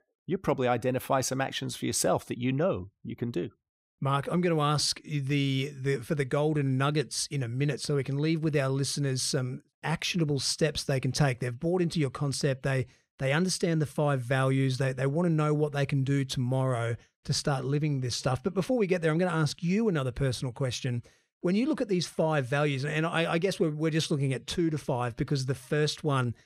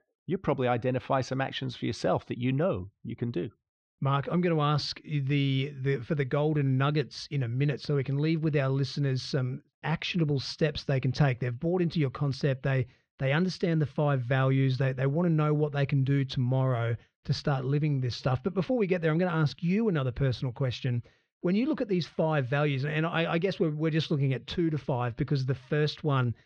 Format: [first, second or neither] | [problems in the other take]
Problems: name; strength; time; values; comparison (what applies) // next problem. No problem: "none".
first | muffled; very slightly; fading above 4.5 kHz